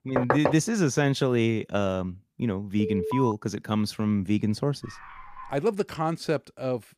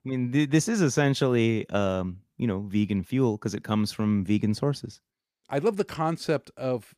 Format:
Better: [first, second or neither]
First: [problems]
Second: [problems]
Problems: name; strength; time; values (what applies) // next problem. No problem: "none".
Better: second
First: door banging; loud; at the start; peak 1 dB above the speech // alarm; noticeable; at 3 s; peak 4 dB below the speech // dog barking; faint; at 5 s; peak 15 dB below the speech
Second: none